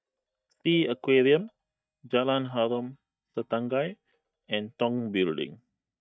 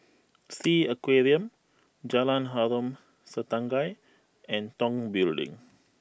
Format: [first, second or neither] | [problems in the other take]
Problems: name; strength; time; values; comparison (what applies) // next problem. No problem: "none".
second | noise reduction (neural mask model DeepFilterNet 3)